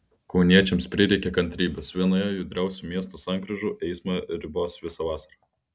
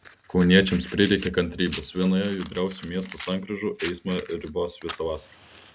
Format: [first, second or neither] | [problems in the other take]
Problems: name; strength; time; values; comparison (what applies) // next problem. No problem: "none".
first | background sound (Fire); 17 dB below the speech